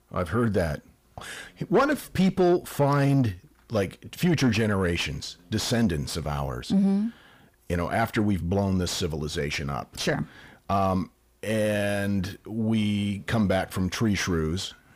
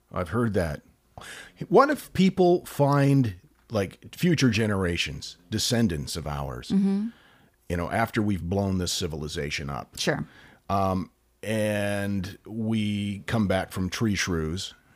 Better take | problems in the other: second | distortion; slight; 10 dB below the speech

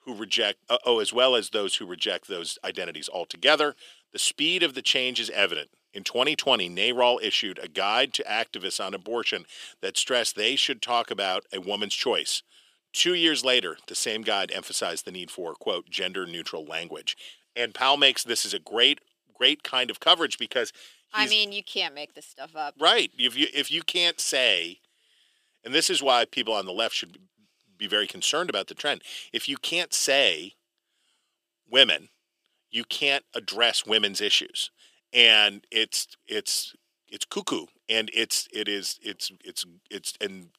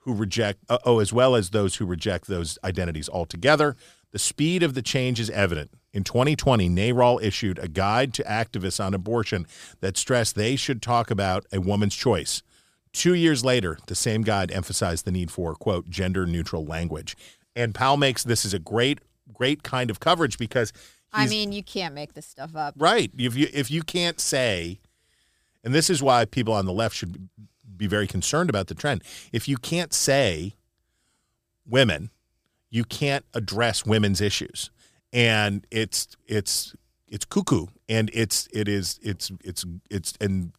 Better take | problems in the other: second | thin; somewhat; fading below 300 Hz

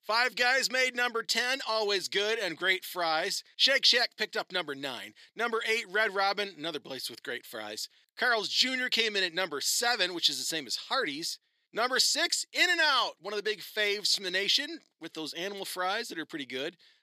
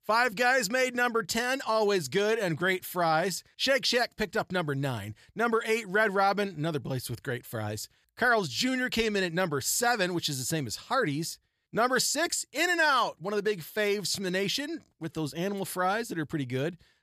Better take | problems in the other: second | thin; somewhat; fading below 250 Hz

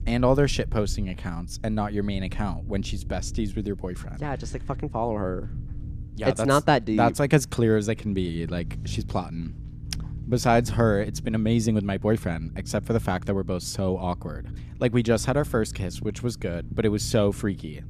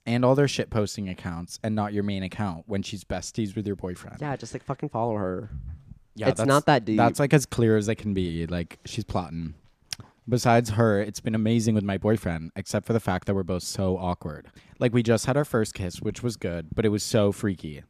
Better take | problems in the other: second | low rumble; faint; throughout; 25 dB below the speech

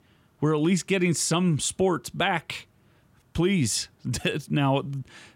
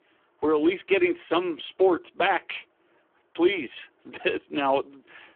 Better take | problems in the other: first | phone-call audio; poor line; nothing above 3.5 kHz

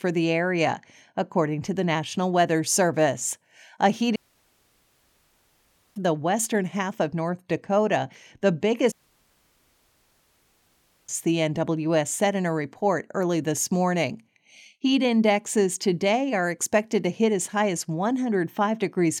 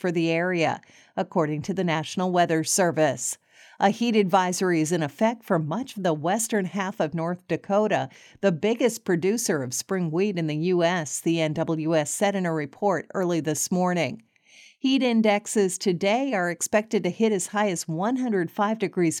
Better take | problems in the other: second | audio cutting out; at 4 s for 2 s and at 9 s for 2 s

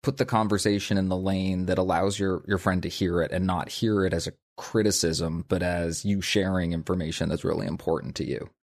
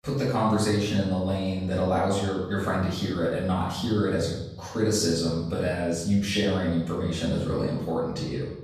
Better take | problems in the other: first | off-mic speech; far // room echo; noticeable; dies away in 0.9 s

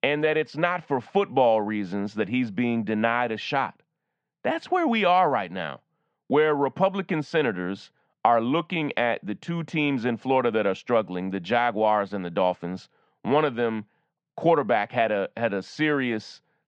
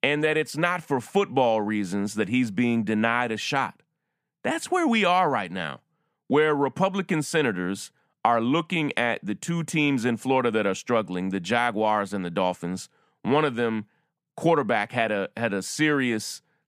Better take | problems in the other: second | muffled; slightly; fading above 4.5 kHz

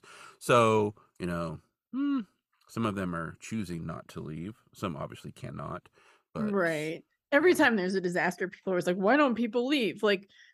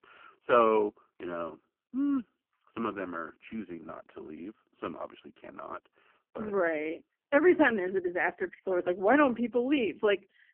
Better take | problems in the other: first | phone-call audio; poor line; nothing above 3 kHz

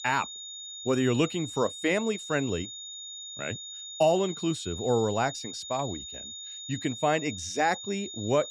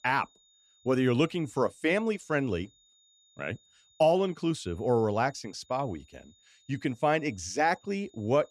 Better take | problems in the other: second | high-pitched whine; loud; throughout; 3.5 kHz, 9 dB below the speech; faint in the second

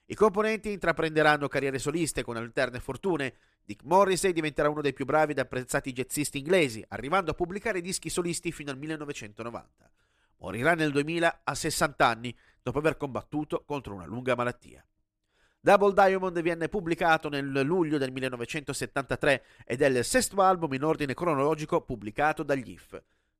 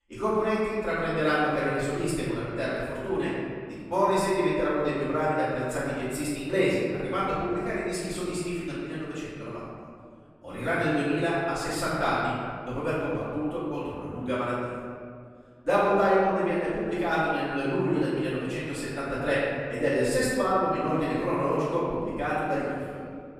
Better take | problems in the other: first | off-mic speech; far // room echo; strong; dies away in 2.1 s

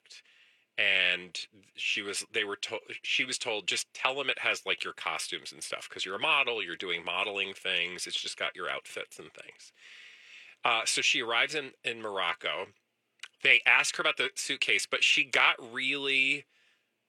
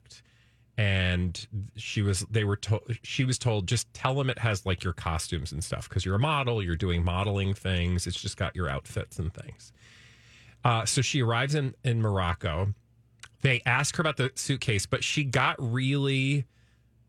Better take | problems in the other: second | thin; very; fading below 350 Hz

